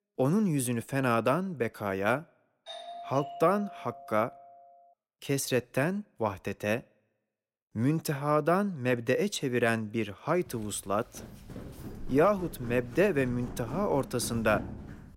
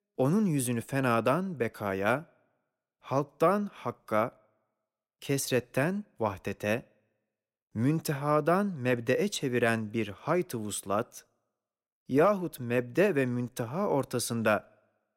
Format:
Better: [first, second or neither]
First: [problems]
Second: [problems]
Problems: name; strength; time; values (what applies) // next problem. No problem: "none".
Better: second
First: doorbell; faint; from 2.5 to 5 s; peak 10 dB below the speech // footsteps; noticeable; from 10 s on; peak 9 dB below the speech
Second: none